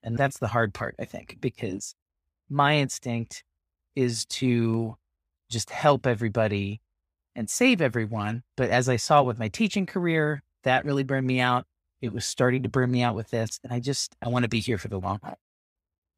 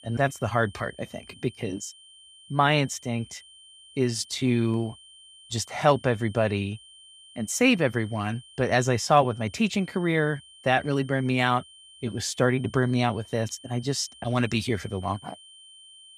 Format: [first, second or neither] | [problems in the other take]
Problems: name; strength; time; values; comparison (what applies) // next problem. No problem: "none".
first | high-pitched whine; faint; throughout; 3 kHz, 20 dB below the speech